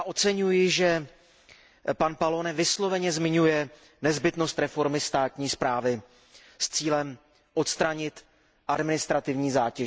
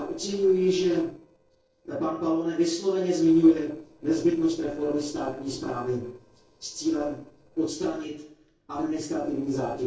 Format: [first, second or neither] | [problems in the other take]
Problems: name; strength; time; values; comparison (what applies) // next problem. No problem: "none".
first | noise reduction (neural separator model SepFormer DNS4)